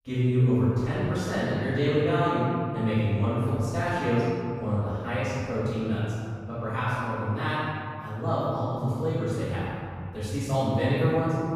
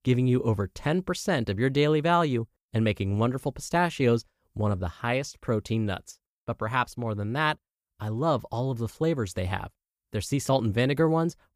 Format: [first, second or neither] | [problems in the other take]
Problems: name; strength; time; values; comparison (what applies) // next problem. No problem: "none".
second | room echo; strong; dies away in 2.3 s // off-mic speech; far